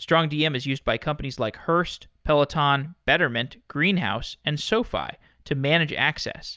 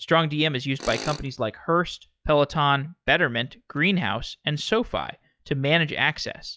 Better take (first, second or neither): first